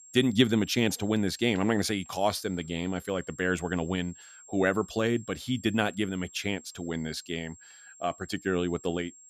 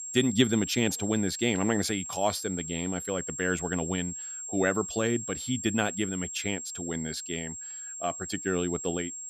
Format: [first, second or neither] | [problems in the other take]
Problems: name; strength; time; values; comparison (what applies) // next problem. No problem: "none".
first | high-pitched whine; loud; throughout; 7.5 kHz, 6 dB below the speech; faint in the first